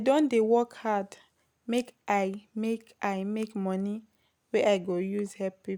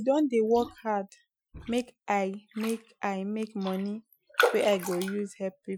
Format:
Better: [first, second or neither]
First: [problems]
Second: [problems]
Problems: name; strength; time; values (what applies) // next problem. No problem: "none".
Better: first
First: none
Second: noise reduction (classical method Wiener filter)